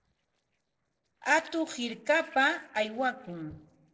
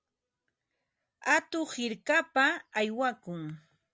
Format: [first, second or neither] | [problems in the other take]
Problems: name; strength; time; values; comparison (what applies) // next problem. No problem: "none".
second | noise reduction (neural separator model SepFormer DNS4)